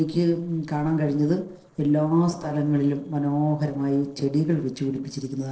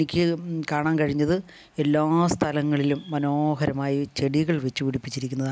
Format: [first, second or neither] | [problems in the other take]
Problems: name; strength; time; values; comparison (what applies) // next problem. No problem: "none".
second | noise reduction (neural separator model SepFormer DNS4)